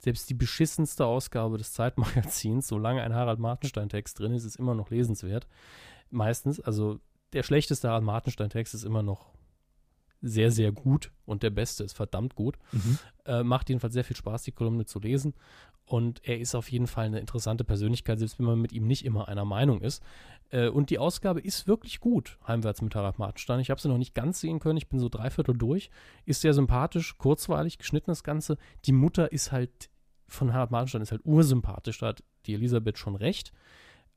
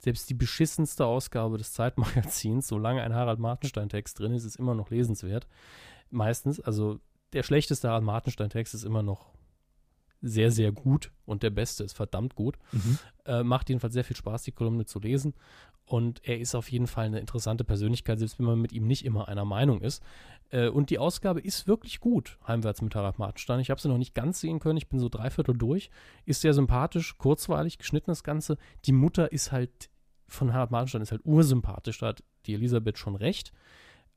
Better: neither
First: none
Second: none

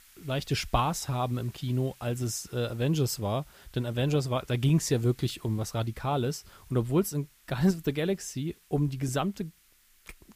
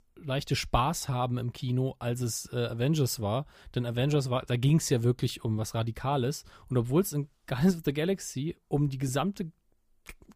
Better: second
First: hiss; faint; throughout; 25 dB below the speech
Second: none

